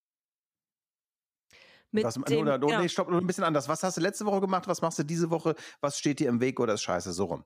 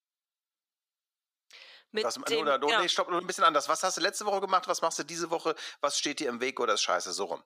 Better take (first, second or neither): first